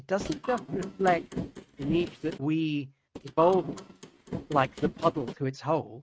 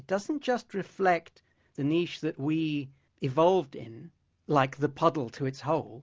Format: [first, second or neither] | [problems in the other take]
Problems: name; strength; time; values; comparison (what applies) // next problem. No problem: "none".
second | noise reduction (neural mask model RNNoise)